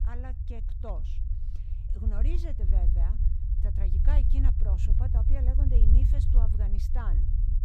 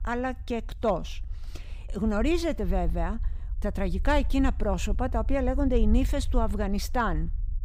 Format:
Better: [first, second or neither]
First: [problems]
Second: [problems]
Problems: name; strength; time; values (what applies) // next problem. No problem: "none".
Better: second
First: low rumble; loud; throughout; 1 dB below the speech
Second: low rumble; faint; throughout; 25 dB below the speech